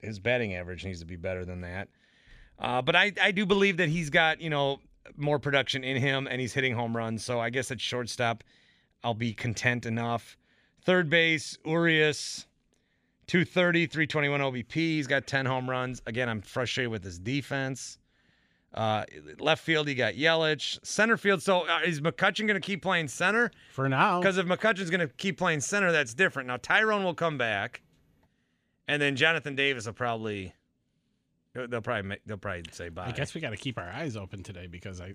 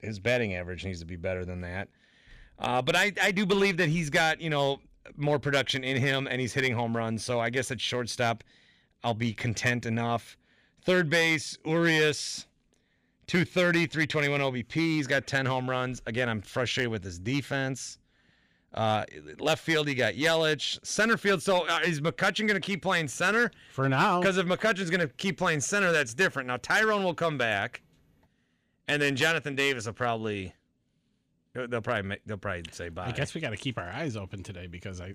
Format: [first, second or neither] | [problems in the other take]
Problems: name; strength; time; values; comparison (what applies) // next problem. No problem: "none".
first | distortion; slight; 3% of the sound clipped